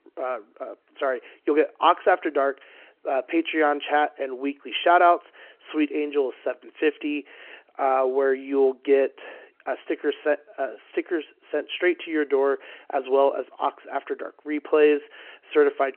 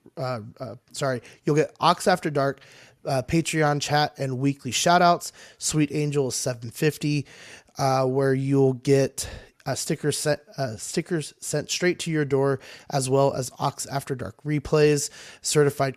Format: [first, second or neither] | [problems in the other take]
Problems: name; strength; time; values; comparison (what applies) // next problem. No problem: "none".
second | phone-call audio